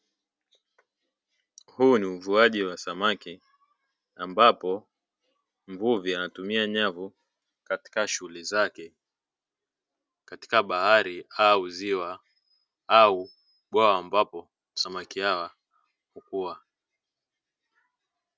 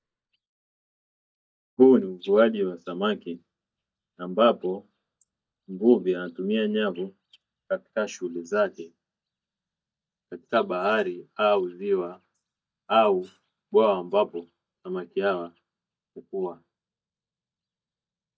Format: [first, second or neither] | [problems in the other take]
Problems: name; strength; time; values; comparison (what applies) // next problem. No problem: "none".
first | noise reduction (neural mask model DeepFilterNet 3)